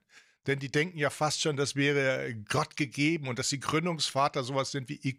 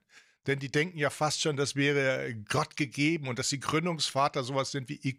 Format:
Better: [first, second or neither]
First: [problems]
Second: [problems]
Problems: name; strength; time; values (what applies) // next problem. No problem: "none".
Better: neither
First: none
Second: none